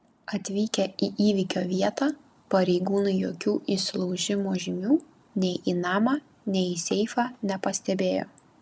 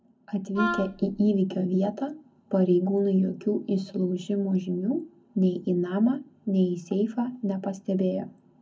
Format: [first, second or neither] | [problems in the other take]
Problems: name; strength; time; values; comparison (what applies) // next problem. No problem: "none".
first | background sound (Wind instrument, woodwind instrument); 7 dB below the speech // room echo; dies away in 0.3 s